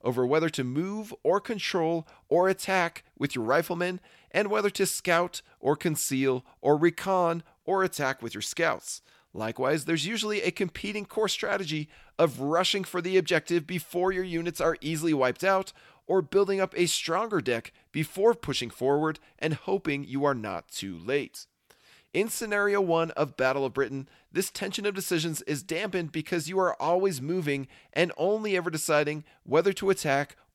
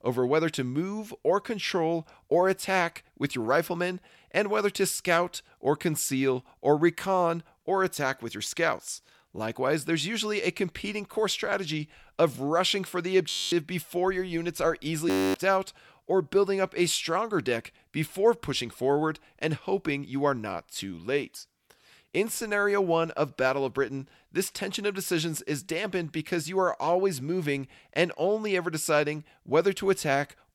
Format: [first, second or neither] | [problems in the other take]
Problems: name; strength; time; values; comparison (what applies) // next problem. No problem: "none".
first | audio freezing; at 13 s and at 15 s